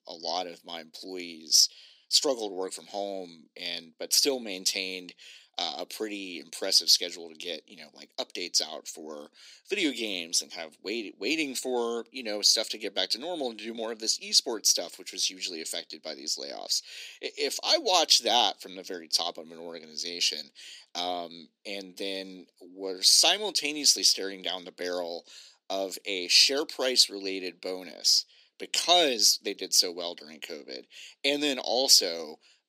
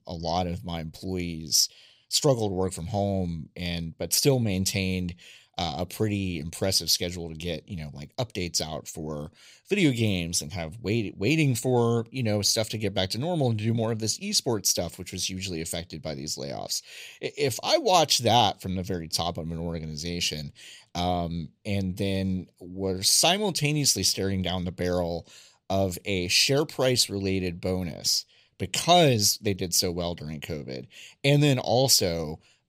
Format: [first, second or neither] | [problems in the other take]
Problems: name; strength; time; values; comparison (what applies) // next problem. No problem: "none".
second | thin; somewhat; fading below 250 Hz